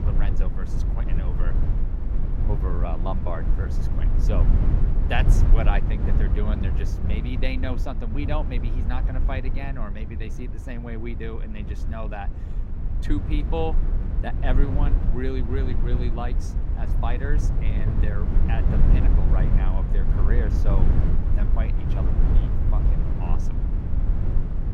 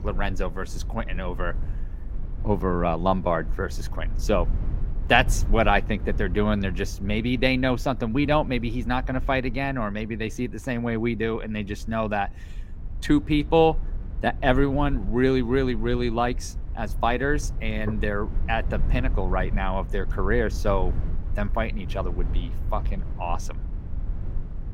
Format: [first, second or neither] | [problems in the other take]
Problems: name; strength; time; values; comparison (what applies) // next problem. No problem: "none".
second | low rumble; loud; throughout; 4 dB below the speech; faint in the second